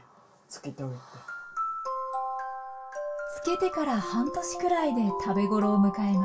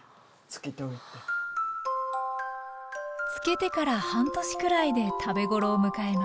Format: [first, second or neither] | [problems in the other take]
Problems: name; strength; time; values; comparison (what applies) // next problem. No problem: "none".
second | room echo; dies away in 0.2 s